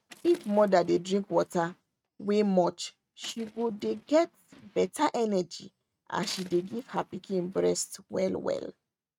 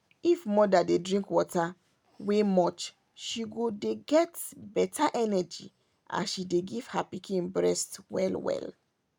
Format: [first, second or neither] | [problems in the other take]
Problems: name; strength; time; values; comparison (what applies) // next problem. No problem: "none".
second | noise reduction (neural mask model RNNoise)